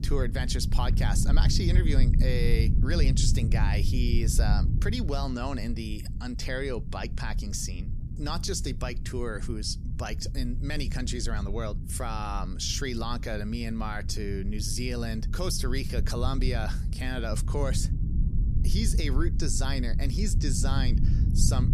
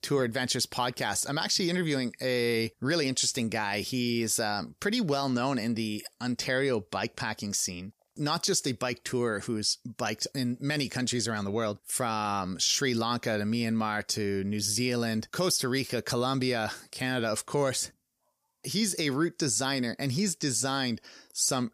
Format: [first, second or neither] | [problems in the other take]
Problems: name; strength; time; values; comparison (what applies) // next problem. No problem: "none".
second | low rumble; loud; throughout; 10 dB below the speech